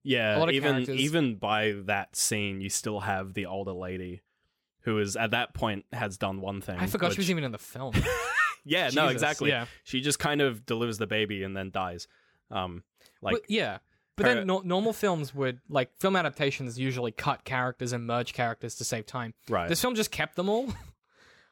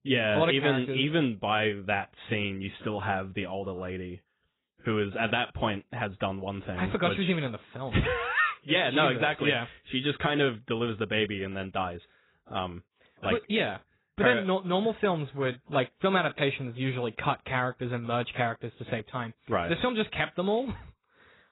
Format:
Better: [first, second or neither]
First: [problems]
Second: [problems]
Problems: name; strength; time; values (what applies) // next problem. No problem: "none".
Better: first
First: none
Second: garbled, watery; badly; nothing above 4 kHz